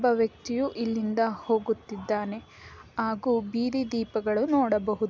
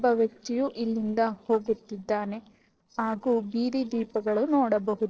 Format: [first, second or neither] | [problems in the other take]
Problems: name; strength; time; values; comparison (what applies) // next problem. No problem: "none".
first | noise reduction (neural separator model SepFormer DNS4)